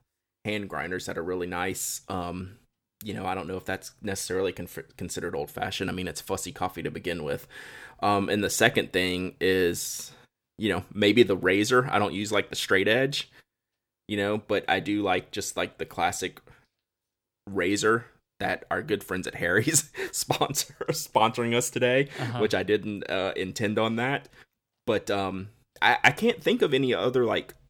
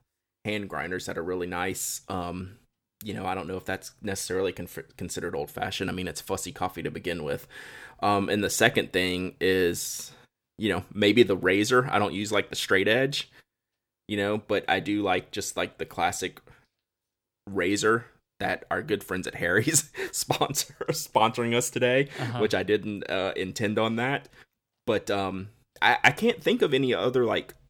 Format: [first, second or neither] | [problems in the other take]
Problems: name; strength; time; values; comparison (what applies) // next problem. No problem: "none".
neither | none